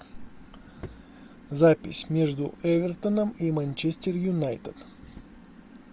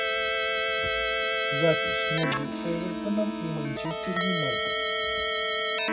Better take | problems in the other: first | background sound (Keyboard (musical)); 5 dB above the speech // room echo; dies away in 0.3 s

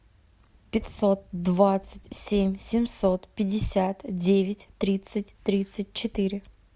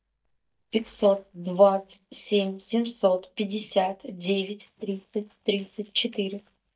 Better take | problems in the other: first | noise reduction (neural mask model DeepFilterNet 3)

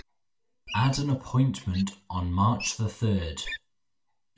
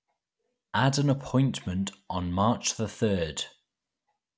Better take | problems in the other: second | background sound (Wild animals); 15 dB below the speech // room echo; dies away in 0.2 s

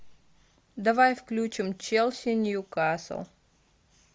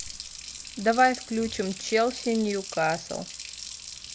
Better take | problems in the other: first | background sound (Water tap, faucet); 12 dB below the speech

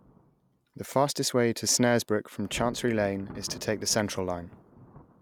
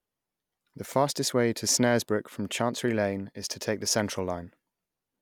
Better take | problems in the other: second | background sound (Thunder); 19 dB below the speech

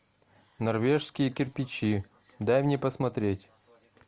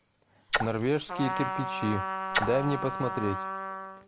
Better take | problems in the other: first | background sound (Trumpet + Splash, splatter); 2 dB below the speech

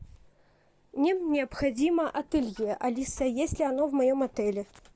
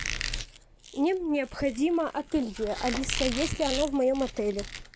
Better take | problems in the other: first | background sound (Squeak); 8 dB below the speech

